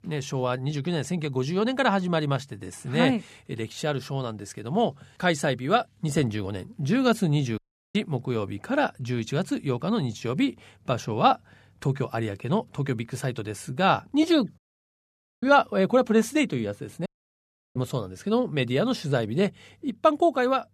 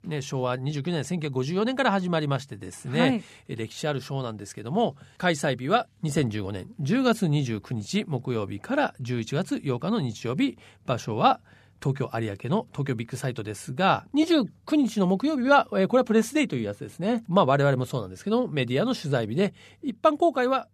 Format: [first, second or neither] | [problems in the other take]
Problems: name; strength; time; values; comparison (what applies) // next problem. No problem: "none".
second | audio cutting out; at 7.5 s, at 15 s for 1 s and at 17 s for 0.5 s